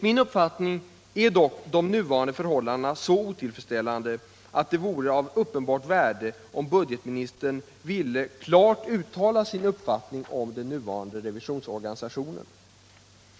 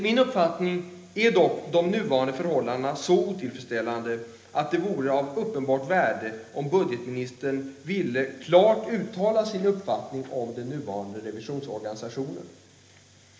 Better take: first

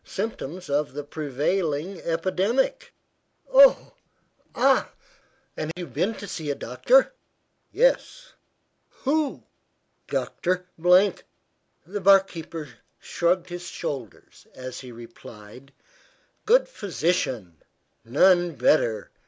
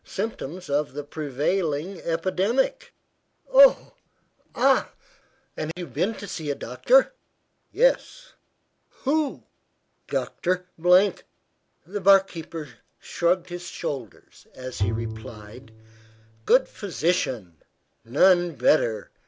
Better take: first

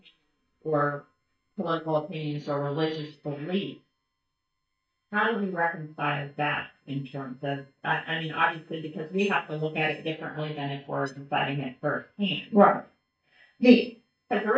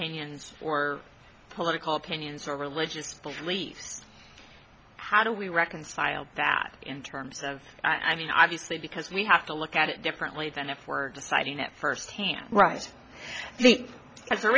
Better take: second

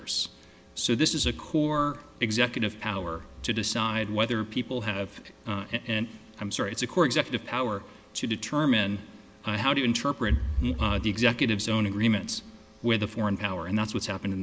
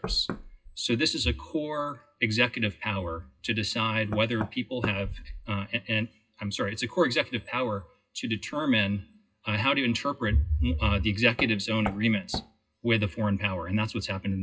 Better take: first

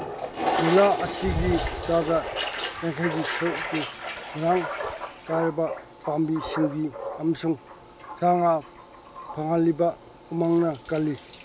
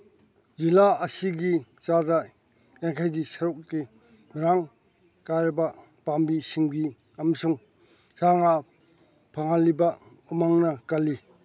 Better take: second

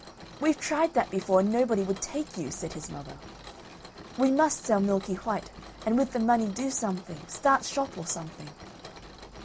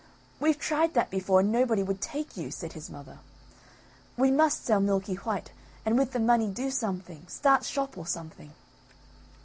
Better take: second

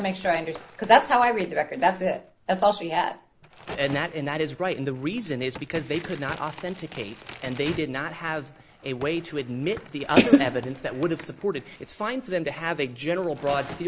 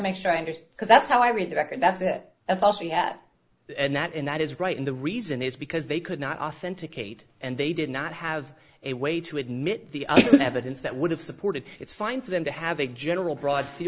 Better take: second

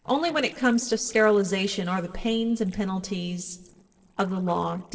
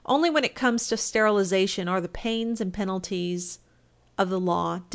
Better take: second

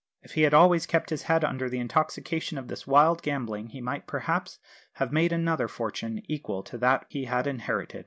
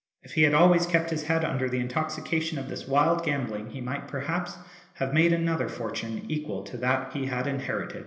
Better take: first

